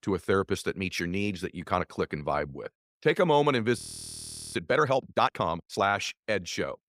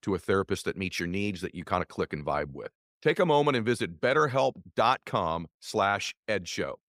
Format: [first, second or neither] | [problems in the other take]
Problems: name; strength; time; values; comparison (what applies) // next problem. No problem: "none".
second | audio freezing; at 4 s for 1 s